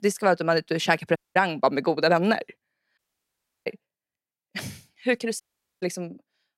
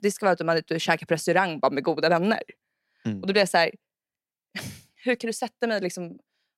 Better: second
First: audio cutting out; at 1 s, at 3 s for 0.5 s and at 5.5 s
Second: none

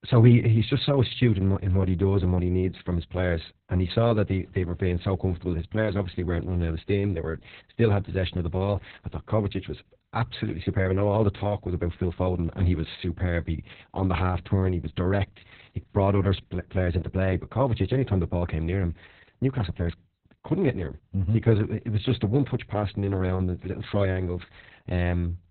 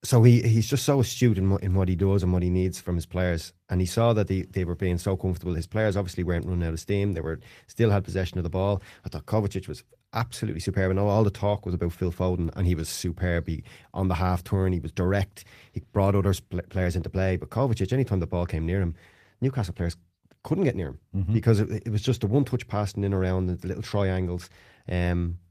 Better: second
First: garbled, watery; badly; nothing above 4 kHz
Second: garbled, watery; slightly; nothing above 14.5 kHz

